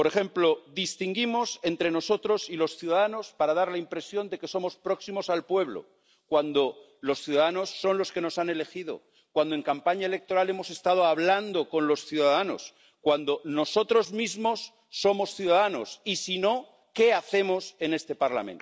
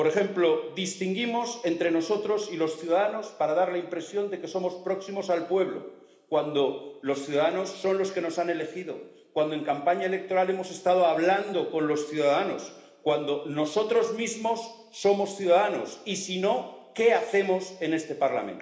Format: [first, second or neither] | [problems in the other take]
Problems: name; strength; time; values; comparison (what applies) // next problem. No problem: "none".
first | room echo; dies away in 1 s